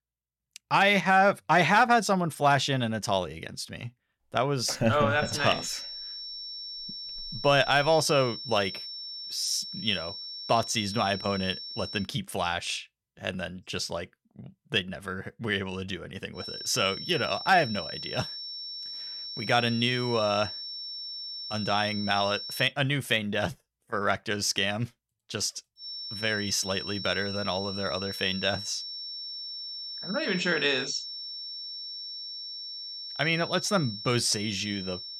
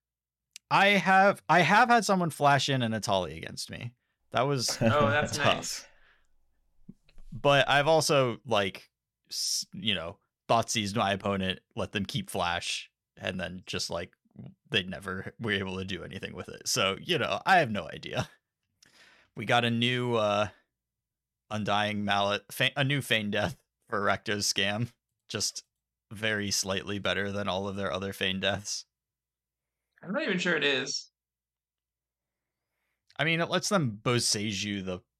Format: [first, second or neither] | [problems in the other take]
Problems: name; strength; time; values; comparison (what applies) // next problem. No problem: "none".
second | high-pitched whine; loud; from 5 to 12 s, from 16 to 23 s and from 26 s on; 5.5 kHz, 8 dB below the speech